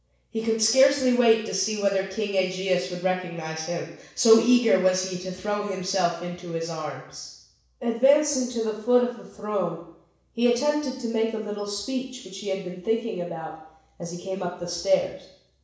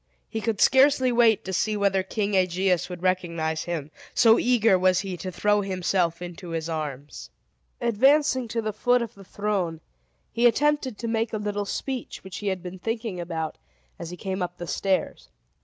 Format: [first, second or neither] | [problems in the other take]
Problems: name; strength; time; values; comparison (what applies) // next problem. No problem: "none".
second | room echo; dies away in 0.7 s